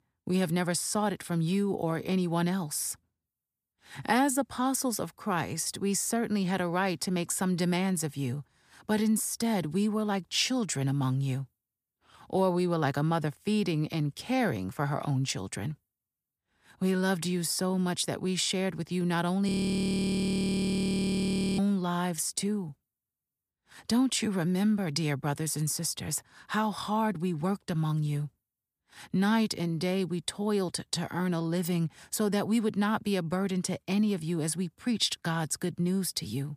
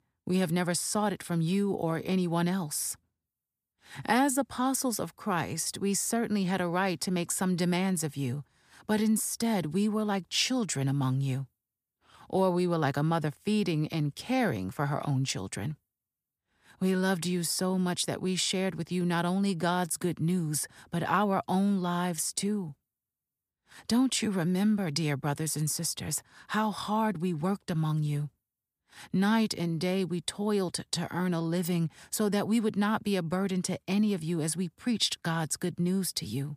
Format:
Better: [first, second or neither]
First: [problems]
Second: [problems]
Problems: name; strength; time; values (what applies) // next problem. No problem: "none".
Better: second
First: audio freezing; at 19 s for 2 s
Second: none